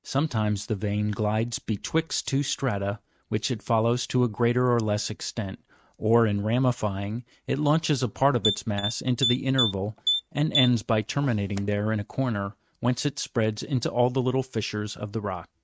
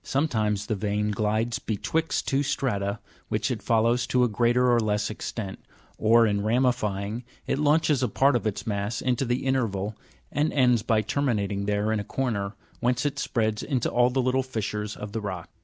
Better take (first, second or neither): second